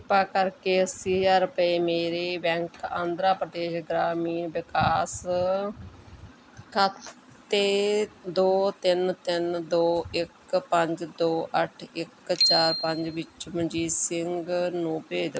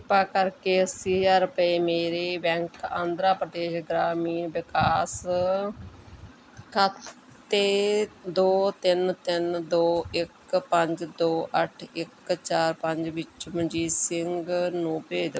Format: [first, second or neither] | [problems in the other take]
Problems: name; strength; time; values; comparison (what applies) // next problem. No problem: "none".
second | background sound (Bicycle bell); 2 dB below the speech